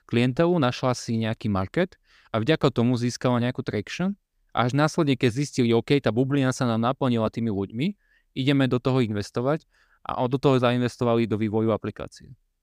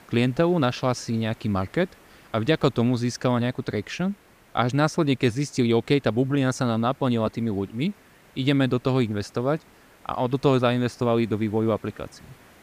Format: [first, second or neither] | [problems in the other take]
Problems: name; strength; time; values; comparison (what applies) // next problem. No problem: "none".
first | hiss; faint; throughout; 30 dB below the speech